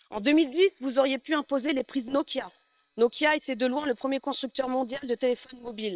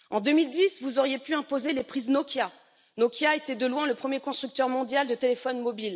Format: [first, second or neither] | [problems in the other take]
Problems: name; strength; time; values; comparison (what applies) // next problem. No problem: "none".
second | noise reduction (neural separator model SepFormer WHAM!)